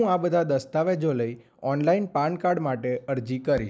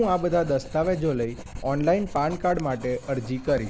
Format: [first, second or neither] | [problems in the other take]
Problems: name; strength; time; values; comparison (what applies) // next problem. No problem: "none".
first | background sound (Writing); 14 dB below the speech